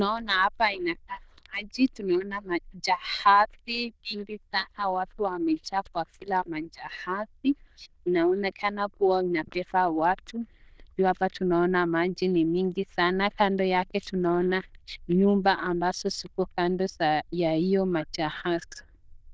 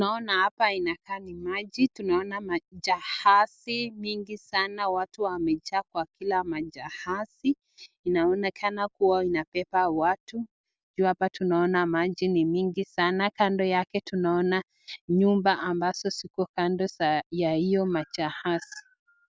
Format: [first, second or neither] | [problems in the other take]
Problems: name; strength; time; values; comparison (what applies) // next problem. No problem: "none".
second | noise reduction (neural diffusion model UNIVERSE++)